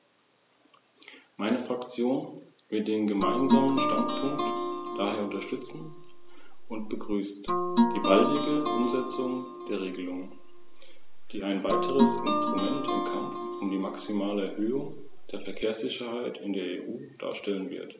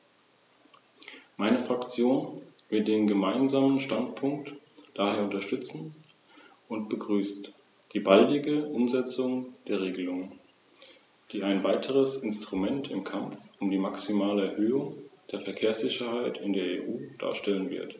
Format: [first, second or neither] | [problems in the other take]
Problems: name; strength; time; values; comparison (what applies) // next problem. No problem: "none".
second | background sound (Guitar); 1 dB above the speech